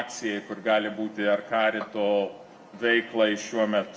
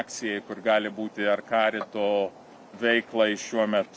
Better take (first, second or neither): second